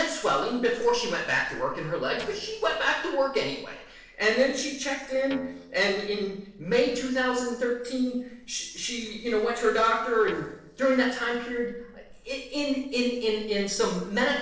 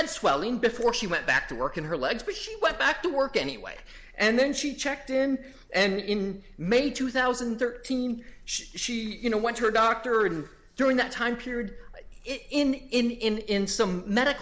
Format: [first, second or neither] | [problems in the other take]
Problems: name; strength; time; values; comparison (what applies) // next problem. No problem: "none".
second | noise reduction (neural separator model SepFormer DNS4)